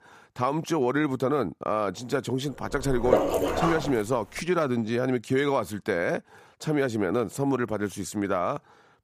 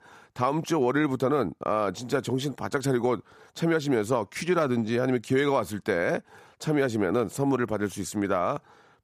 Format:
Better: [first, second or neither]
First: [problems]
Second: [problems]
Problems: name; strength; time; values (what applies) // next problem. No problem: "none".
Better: second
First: dog barking; loud; from 2.5 to 4 s; peak 4 dB above the speech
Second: none